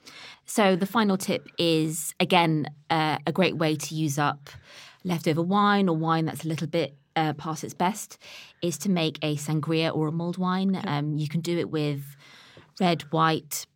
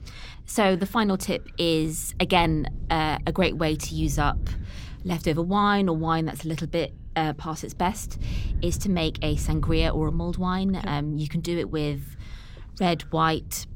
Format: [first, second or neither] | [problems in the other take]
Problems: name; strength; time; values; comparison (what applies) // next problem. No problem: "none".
first | wind noise on the microphone; occasional gusts; 25 dB below the speech